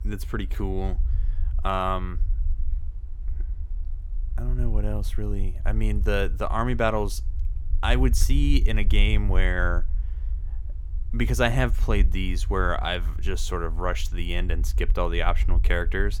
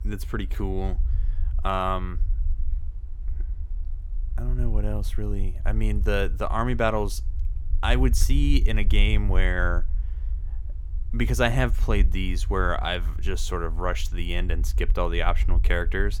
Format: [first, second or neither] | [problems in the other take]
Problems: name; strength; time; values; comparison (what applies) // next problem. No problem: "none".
neither | low rumble; faint; throughout; 20 dB below the speech; the same in both